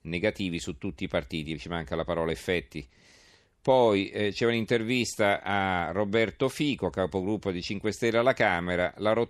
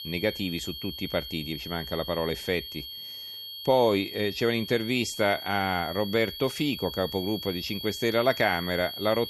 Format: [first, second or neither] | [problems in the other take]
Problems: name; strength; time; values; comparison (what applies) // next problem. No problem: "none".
first | high-pitched whine; loud; throughout; 3.5 kHz, 8 dB below the speech